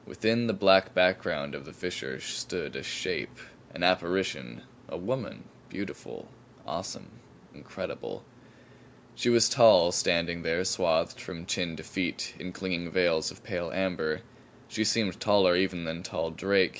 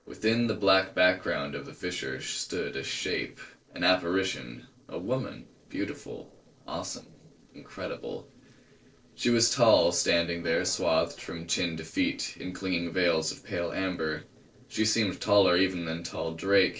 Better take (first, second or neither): first